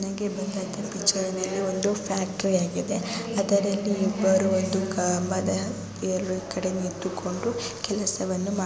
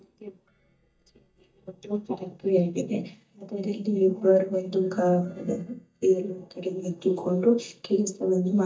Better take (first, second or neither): first